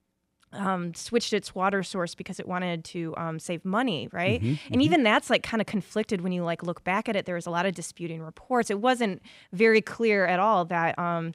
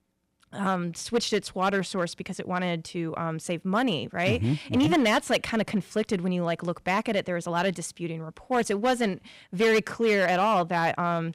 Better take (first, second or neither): first